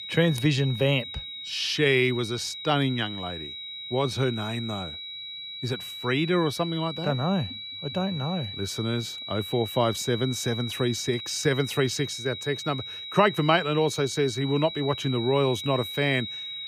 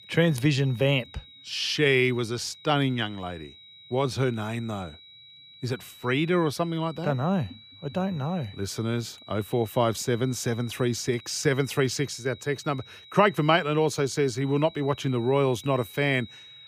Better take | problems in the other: second | high-pitched whine; loud; throughout; 4 kHz, 8 dB below the speech; faint in the second

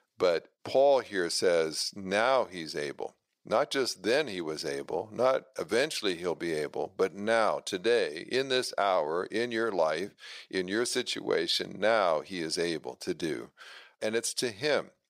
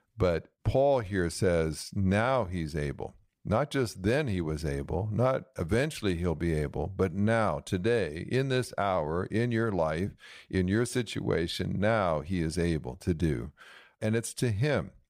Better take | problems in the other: second | thin; somewhat; fading below 400 Hz

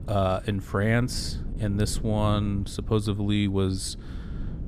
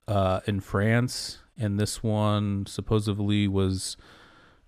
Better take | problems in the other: second | wind noise on the microphone; occasional gusts; 20 dB below the speech

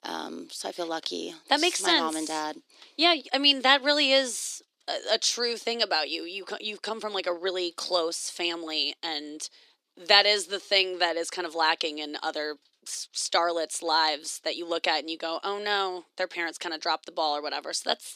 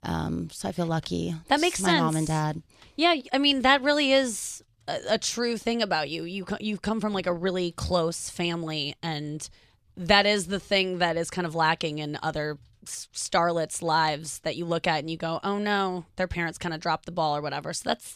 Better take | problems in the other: second | thin; somewhat; fading below 300 Hz

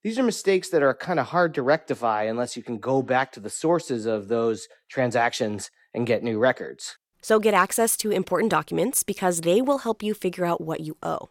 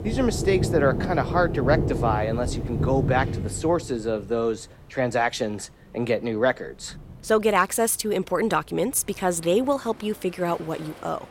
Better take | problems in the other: first | rain or running water; loud; throughout; 3 dB below the speech

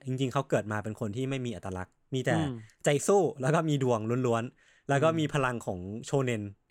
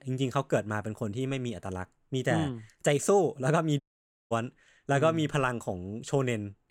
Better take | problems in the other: first | audio cutting out; at 4 s for 0.5 s

